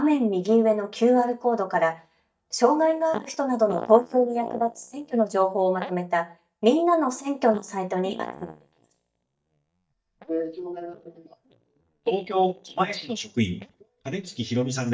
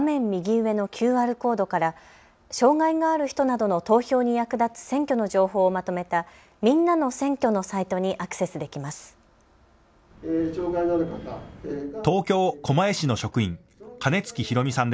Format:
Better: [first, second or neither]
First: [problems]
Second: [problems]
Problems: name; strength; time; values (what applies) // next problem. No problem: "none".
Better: second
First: noise reduction (neural mask model DeepFilterNet 3)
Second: none